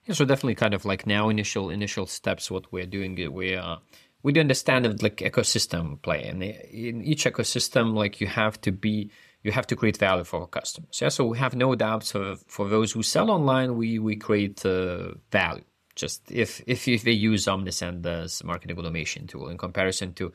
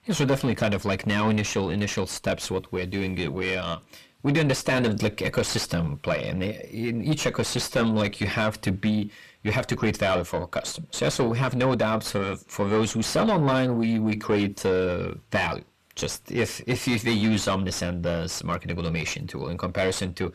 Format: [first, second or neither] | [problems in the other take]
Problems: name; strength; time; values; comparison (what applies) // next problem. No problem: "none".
first | distortion; heavy; 6 dB below the speech